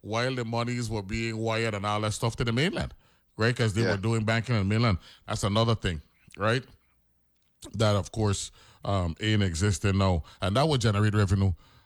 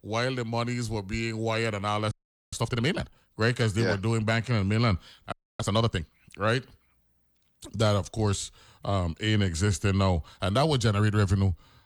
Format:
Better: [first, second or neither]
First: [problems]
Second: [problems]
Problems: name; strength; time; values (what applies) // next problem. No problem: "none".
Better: first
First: none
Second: audio freezing; at 2 s and at 5.5 s